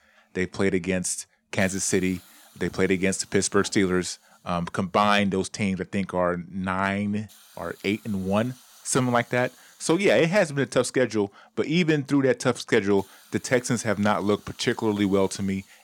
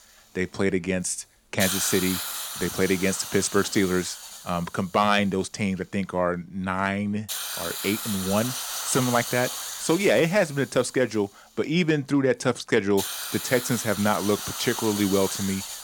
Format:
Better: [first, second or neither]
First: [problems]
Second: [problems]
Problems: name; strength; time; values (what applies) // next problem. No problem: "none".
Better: first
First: hiss; faint; throughout; 25 dB below the speech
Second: hiss; loud; throughout; 5 dB below the speech